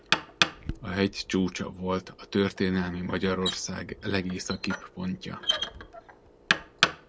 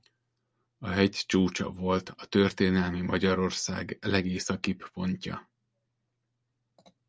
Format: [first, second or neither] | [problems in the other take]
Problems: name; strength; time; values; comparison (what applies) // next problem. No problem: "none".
second | background sound (Knock); 2 dB below the speech